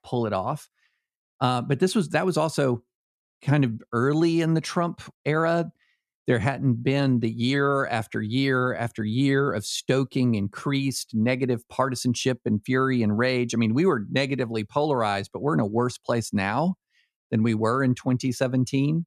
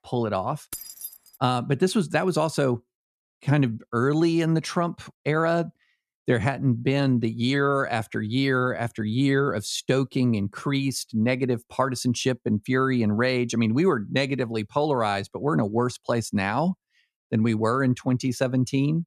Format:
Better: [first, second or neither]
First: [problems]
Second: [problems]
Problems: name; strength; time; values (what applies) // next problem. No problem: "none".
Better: first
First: none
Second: jangling keys; noticeable; at 0.5 s; peak 10 dB below the speech